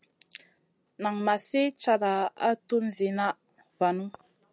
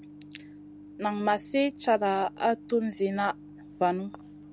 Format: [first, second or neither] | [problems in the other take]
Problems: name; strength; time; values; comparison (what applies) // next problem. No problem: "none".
first | background sound (Microwave oven); 18 dB below the speech